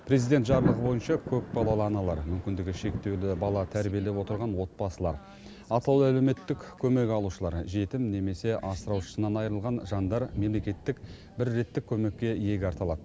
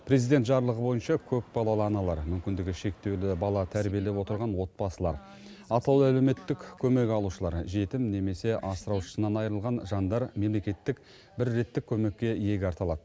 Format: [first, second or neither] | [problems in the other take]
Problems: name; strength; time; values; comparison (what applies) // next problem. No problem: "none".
second | background sound (Thunder); 11 dB below the speech